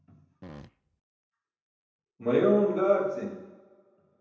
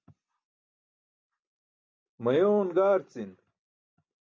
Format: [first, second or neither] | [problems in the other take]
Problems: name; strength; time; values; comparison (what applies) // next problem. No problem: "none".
second | background sound (Fart); 18 dB below the speech // room echo; dies away in 0.9 s